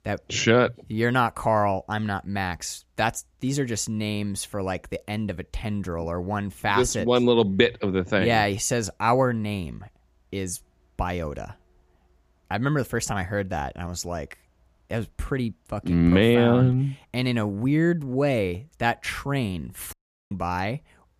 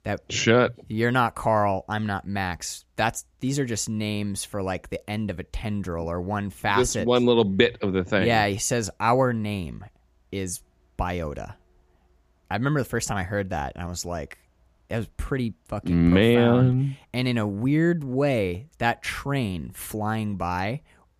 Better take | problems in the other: second | audio cutting out; at 20 s

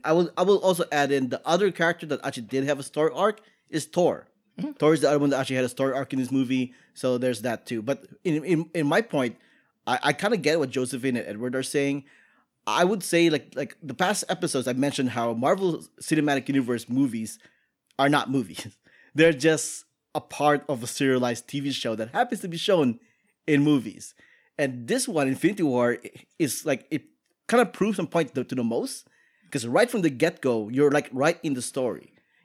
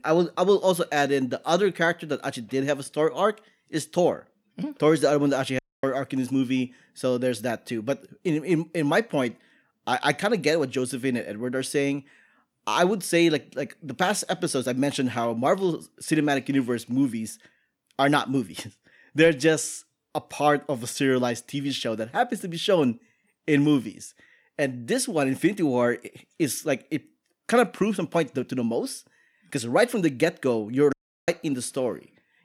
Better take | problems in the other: first | audio cutting out; at 5.5 s and at 31 s

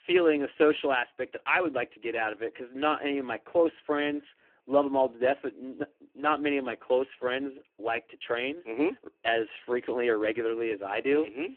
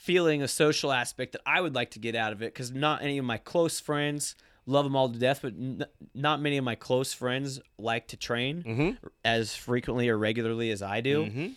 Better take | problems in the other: second | phone-call audio; poor line

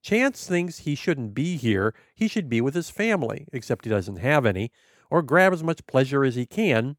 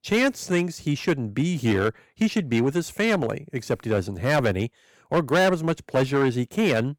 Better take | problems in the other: first | distortion; slight; 6% of the sound clipped

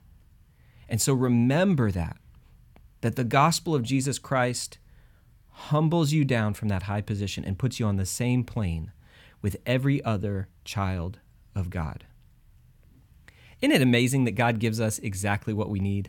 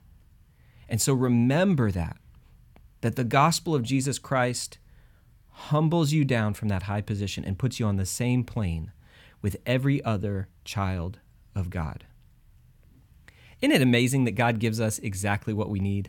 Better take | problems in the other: neither | none

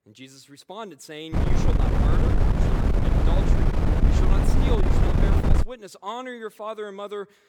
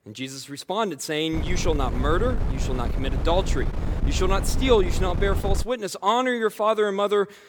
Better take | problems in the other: second | wind noise on the microphone; heavy; from 1.5 to 5.5 s; 4 dB above the speech; occasional gusts in the second

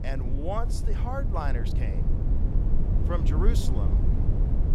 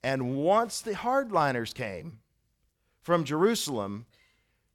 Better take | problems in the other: second | low rumble; loud; throughout; 5 dB below the speech

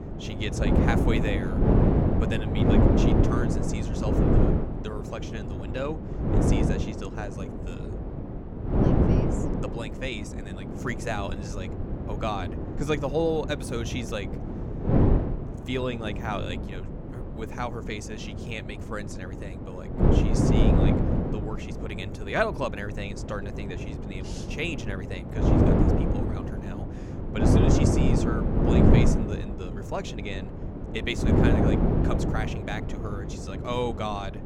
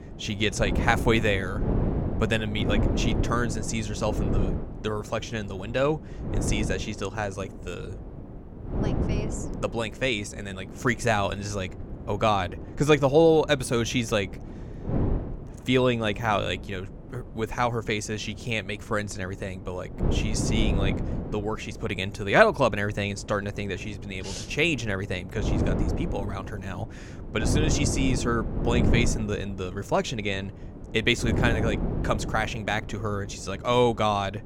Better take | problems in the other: second | wind noise on the microphone; heavy; 2 dB above the speech; occasional gusts in the second

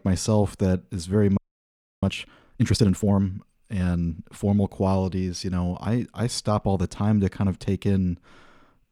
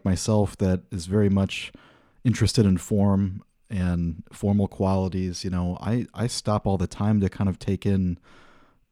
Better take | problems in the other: second | audio freezing; at 1.5 s for 0.5 s

